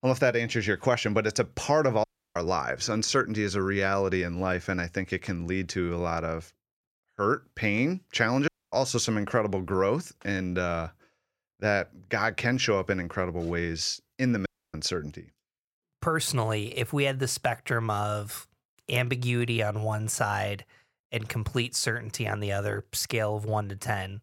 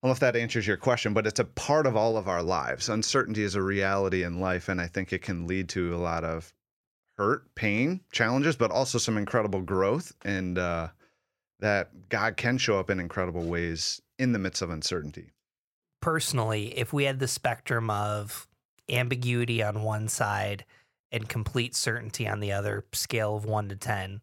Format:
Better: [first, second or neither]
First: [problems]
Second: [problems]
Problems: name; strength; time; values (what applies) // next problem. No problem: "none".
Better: second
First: audio cutting out; at 2 s, at 8.5 s and at 14 s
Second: none